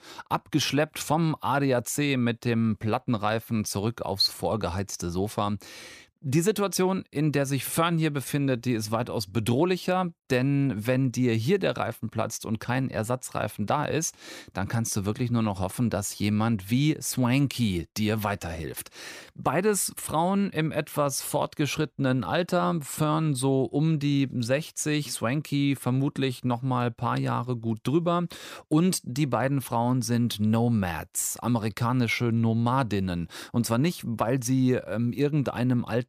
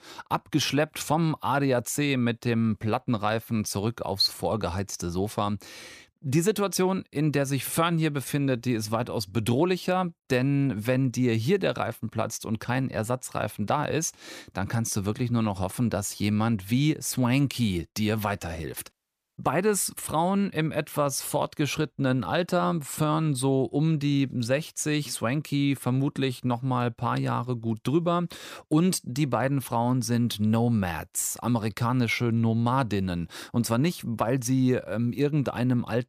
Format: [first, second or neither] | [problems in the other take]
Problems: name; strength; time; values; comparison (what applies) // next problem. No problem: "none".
first | audio cutting out; at 19 s